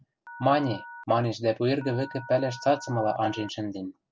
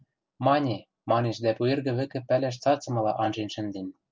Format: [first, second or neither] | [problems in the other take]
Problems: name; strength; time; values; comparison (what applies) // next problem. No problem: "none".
second | background sound (Telephone); 18 dB below the speech